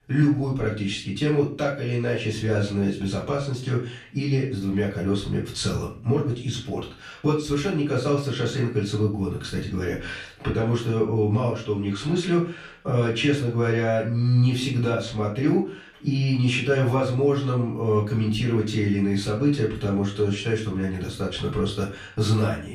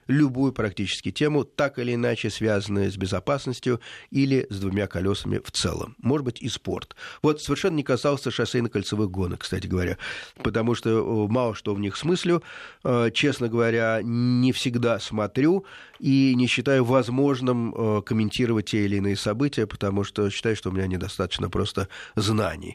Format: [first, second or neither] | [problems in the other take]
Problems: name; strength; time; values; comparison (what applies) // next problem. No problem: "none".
second | room echo; slight; dies away in 0.3 s // off-mic speech; far